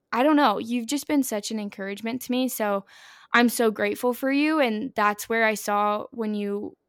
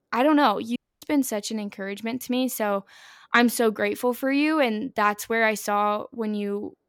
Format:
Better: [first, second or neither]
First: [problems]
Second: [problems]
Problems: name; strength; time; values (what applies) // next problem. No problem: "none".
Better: first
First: none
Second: audio cutting out; at 1 s